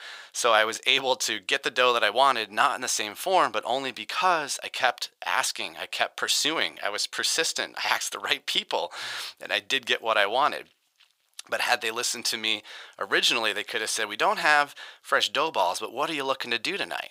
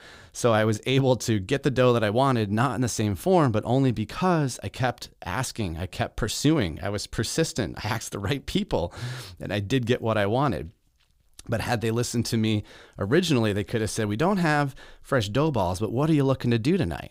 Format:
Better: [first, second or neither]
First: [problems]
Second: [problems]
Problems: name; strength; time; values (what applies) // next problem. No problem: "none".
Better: second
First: thin; very; fading below 850 Hz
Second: none